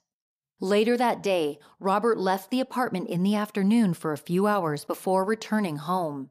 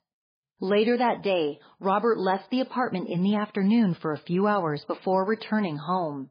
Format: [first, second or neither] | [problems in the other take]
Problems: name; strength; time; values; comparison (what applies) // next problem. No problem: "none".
first | garbled, watery; badly